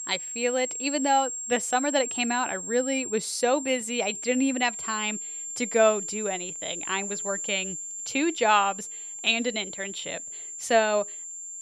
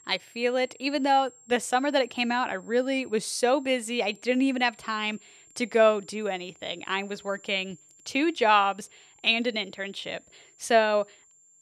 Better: second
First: high-pitched whine; loud; throughout; 7.5 kHz, 6 dB below the speech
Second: high-pitched whine; faint; throughout; 7.5 kHz, 25 dB below the speech

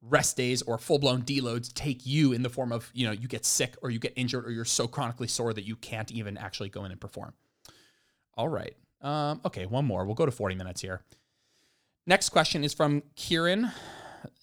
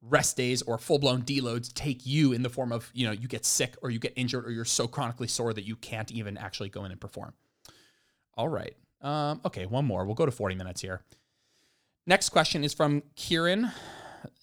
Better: neither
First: none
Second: none

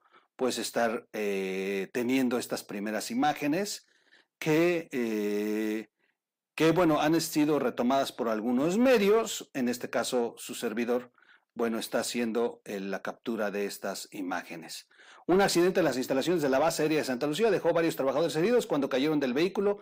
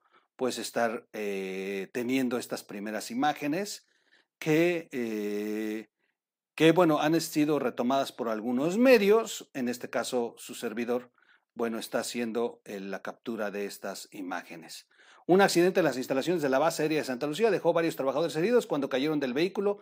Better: second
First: distortion; slight; 10 dB below the speech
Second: none

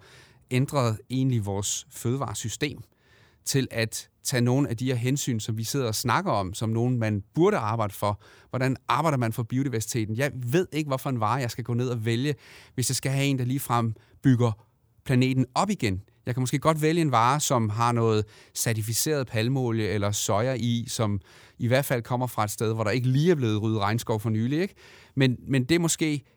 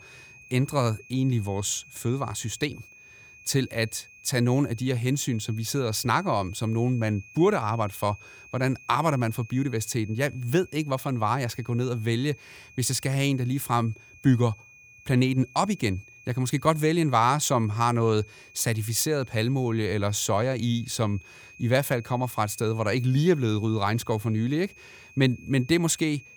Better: first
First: none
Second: high-pitched whine; faint; throughout; 2.5 kHz, 20 dB below the speech

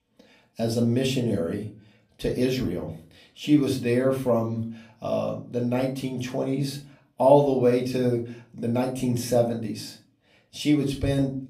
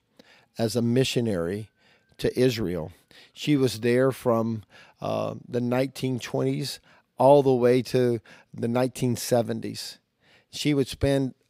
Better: second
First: room echo; slight; dies away in 0.3 s // off-mic speech; somewhat distant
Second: none

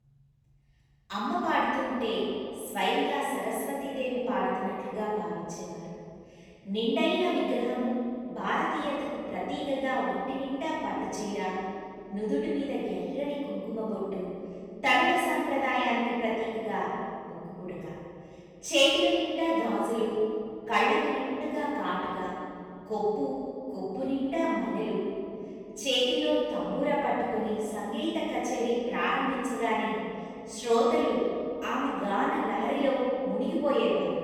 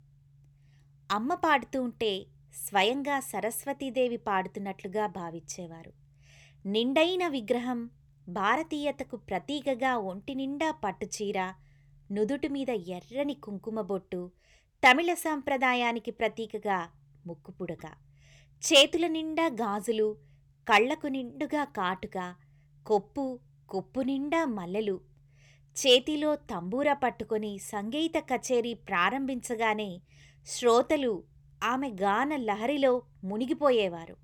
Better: second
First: off-mic speech; far // room echo; strong; dies away in 2.4 s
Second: none

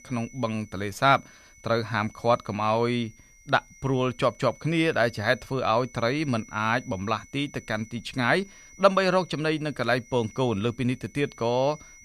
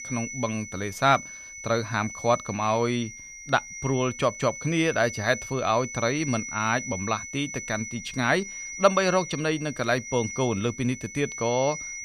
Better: first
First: high-pitched whine; faint; throughout; 2 kHz, 25 dB below the speech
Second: high-pitched whine; loud; throughout; 2 kHz, 10 dB below the speech

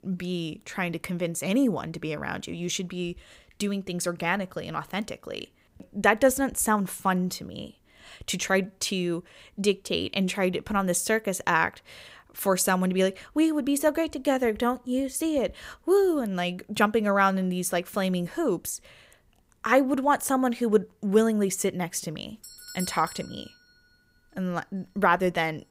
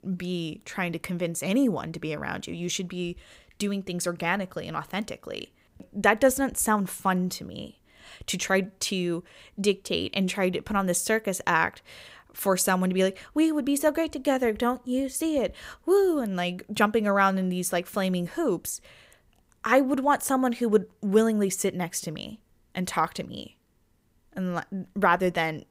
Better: second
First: doorbell; faint; at 22 s; peak 10 dB below the speech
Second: none

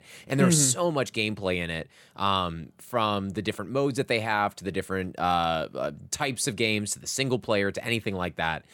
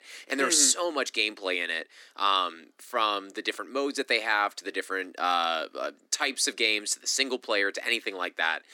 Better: first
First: none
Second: thin; somewhat; fading below 250 Hz

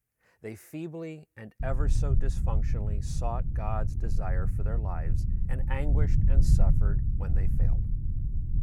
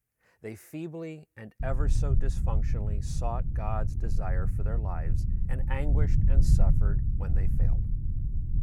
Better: neither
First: low rumble; loud; from 1.5 s on; 5 dB below the speech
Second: low rumble; loud; from 1.5 s on; 5 dB below the speech

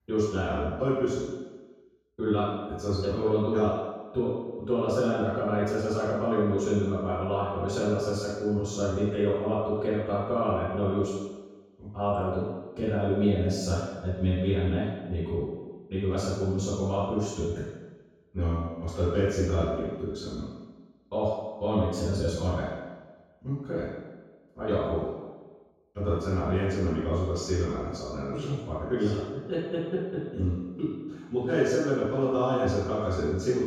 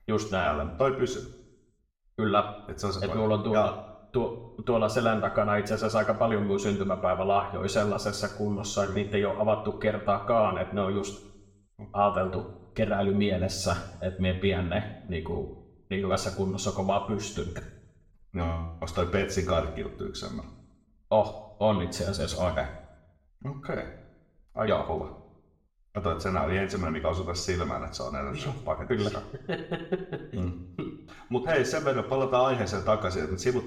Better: second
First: room echo; strong; dies away in 1.2 s // off-mic speech; far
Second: room echo; slight; dies away in 0.6 s // off-mic speech; somewhat distant

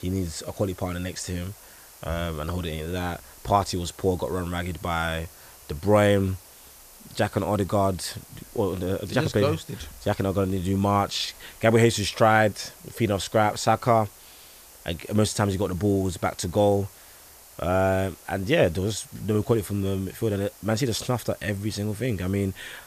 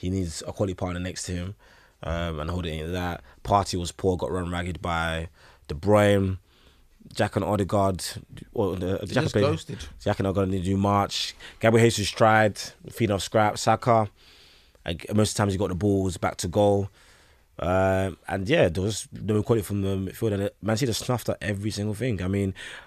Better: second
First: hiss; faint; throughout; 20 dB below the speech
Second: none

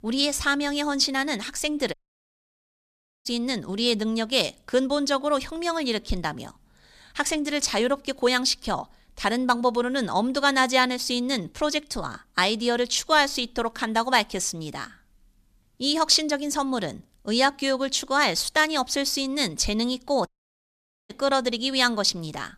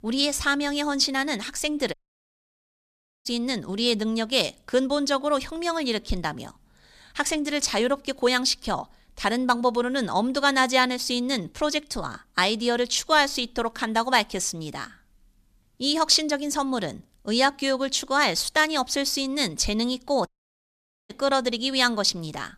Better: neither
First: audio cutting out; at 2 s for 1.5 s and at 20 s for 1 s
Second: audio cutting out; at 2 s for 1.5 s and at 20 s for 1 s

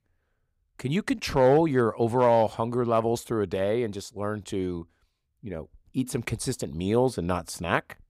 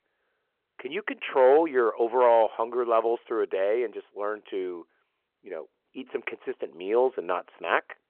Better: first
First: none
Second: phone-call audio

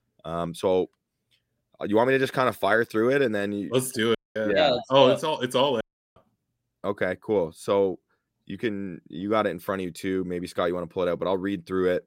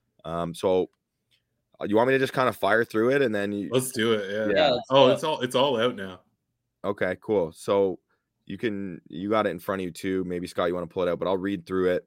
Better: second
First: audio cutting out; at 4 s and at 6 s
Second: none

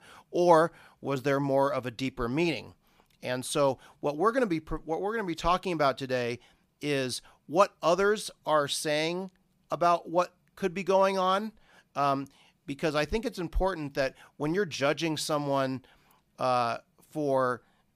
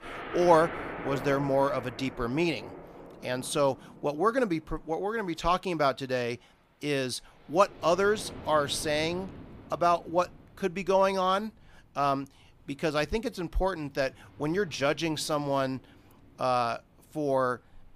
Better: first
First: none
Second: rain or running water; noticeable; throughout; 15 dB below the speech

